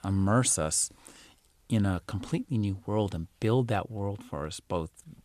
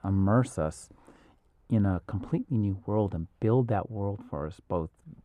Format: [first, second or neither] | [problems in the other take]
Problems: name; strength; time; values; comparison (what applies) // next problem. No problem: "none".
first | muffled; very; fading above 2 kHz